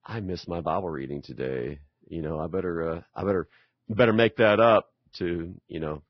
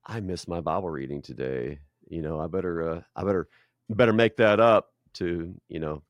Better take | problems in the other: second | garbled, watery; badly; nothing above 5.5 kHz

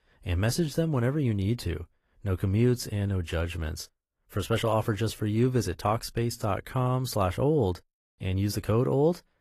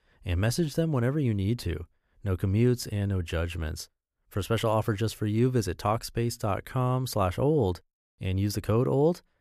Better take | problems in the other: second | garbled, watery; slightly; nothing above 14.5 kHz

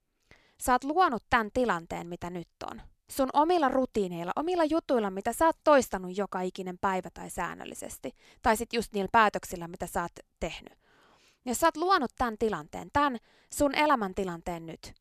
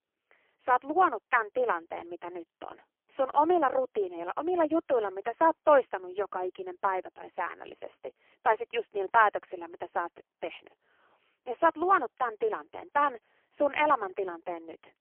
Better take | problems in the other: first | phone-call audio; poor line; nothing above 3 kHz

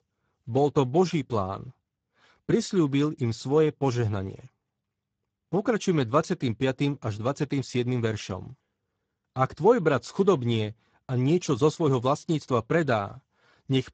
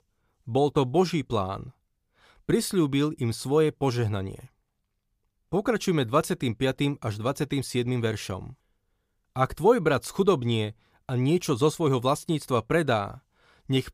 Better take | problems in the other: second | garbled, watery; badly; nothing above 7.5 kHz

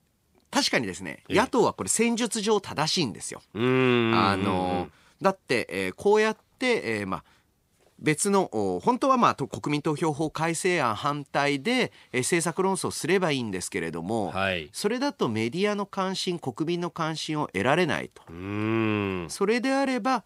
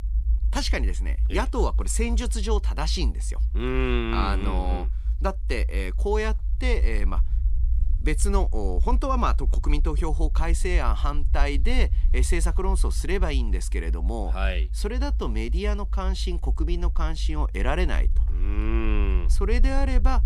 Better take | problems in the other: first | low rumble; noticeable; throughout; 20 dB below the speech

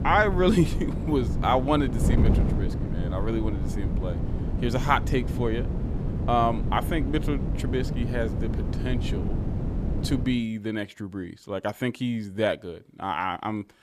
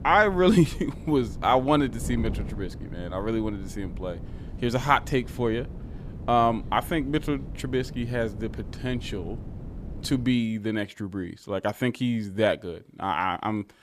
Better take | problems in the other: second | wind noise on the microphone; heavy; until 10 s; 10 dB below the speech; occasional gusts in the second

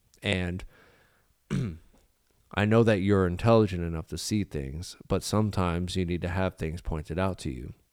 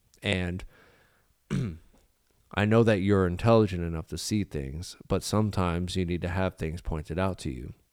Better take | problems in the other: neither | none

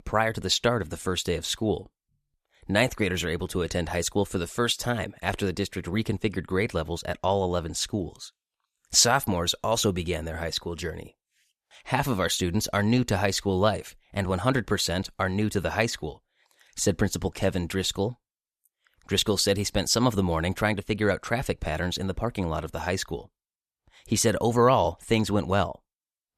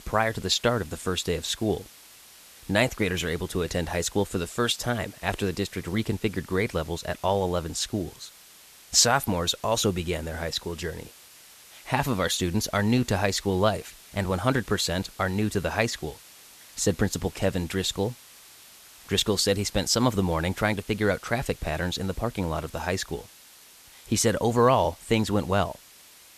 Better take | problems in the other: first | hiss; faint; throughout; 20 dB below the speech

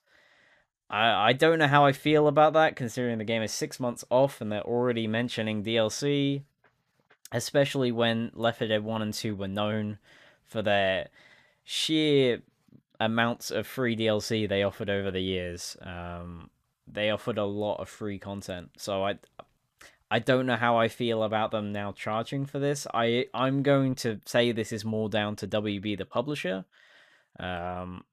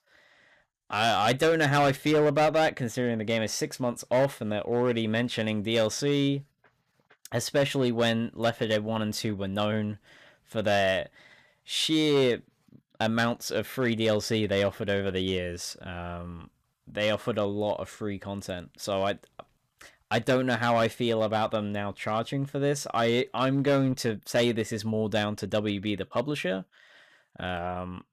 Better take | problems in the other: first | distortion; slight; 4% of the sound clipped

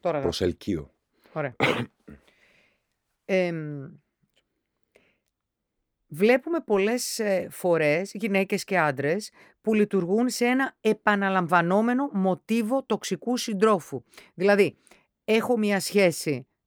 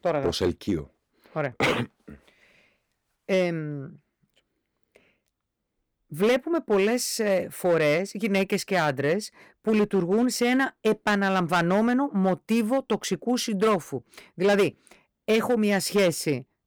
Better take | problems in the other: first | distortion; slight; 4% of the sound clipped

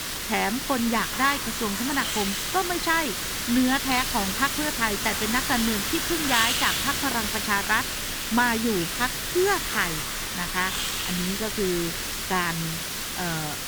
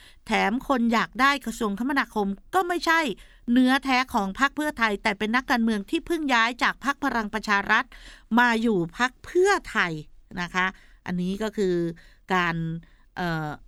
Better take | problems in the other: second | hiss; loud; throughout; as loud as the speech

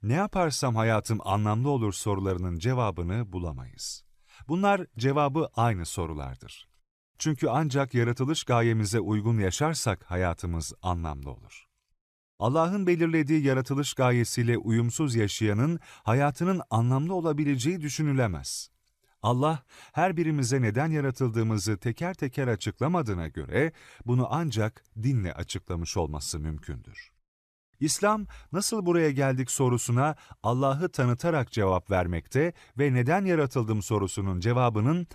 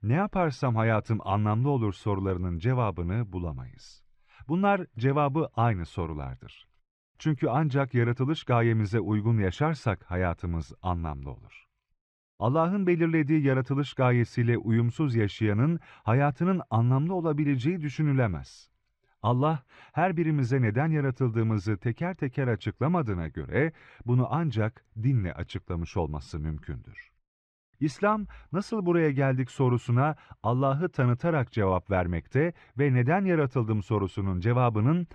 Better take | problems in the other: first | muffled; very; fading above 2.5 kHz

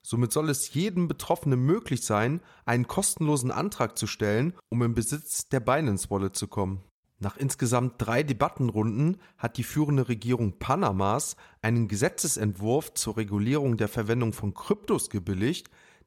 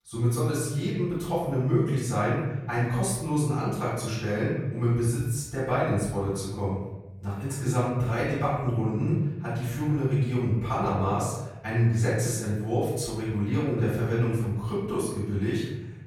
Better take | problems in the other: first | room echo; noticeable; dies away in 1.2 s // off-mic speech; far

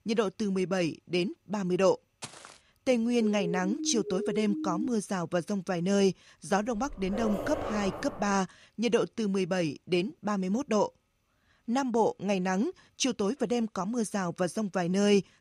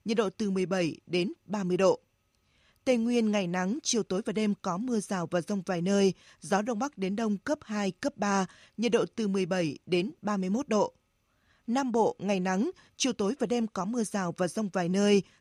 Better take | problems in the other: second | footsteps; faint; at 2 s; peak 15 dB below the speech // siren; noticeable; from 3 to 5 s; peak 5 dB below the speech // dog barking; noticeable; from 6.5 to 8.5 s; peak 5 dB below the speech

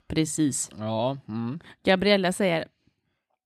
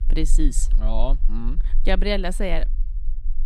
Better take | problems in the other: first | low rumble; faint; throughout; 25 dB below the speech

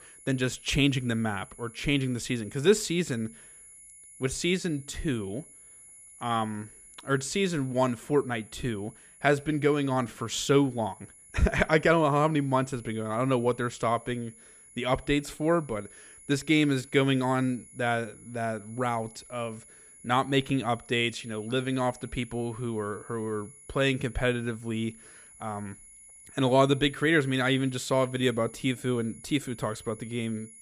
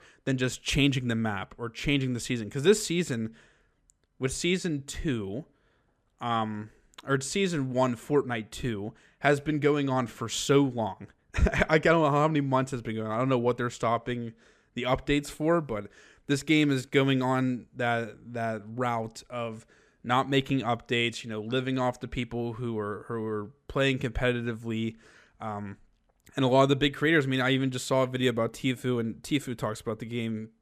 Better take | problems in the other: second | high-pitched whine; faint; throughout; 10.5 kHz, 20 dB below the speech

